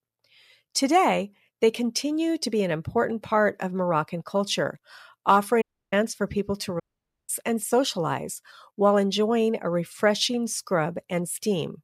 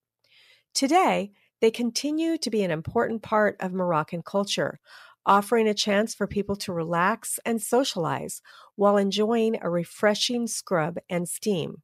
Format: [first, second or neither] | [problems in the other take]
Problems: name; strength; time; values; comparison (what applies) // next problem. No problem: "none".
second | audio cutting out; at 5.5 s and at 7 s